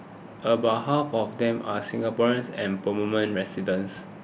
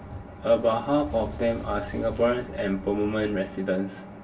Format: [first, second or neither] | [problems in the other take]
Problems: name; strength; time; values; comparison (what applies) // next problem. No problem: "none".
first | background sound (Fire); 15 dB below the speech // room echo; dies away in 0.2 s